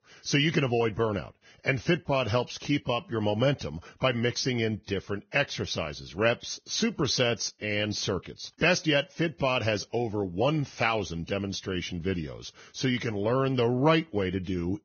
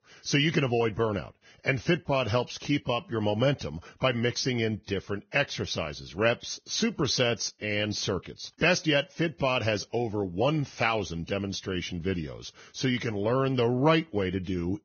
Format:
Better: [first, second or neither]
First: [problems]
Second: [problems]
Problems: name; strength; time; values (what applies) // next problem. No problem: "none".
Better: neither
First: garbled, watery; badly; nothing above 6.5 kHz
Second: garbled, watery; badly; nothing above 6.5 kHz